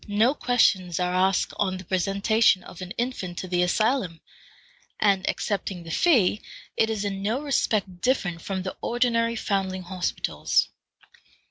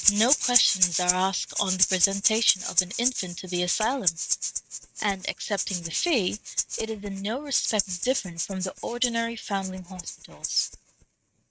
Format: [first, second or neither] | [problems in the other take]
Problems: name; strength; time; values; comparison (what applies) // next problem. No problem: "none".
first | noise reduction (neural mask model RNNoise)